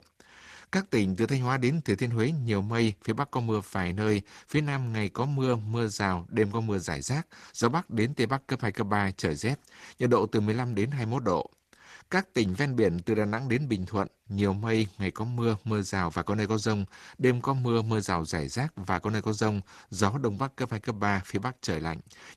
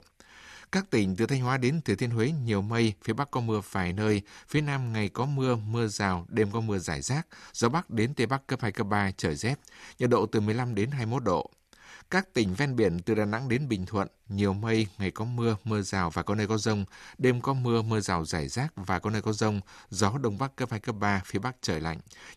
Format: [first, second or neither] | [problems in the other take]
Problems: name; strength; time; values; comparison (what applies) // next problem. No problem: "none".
second | garbled, watery; slightly; nothing above 14.5 kHz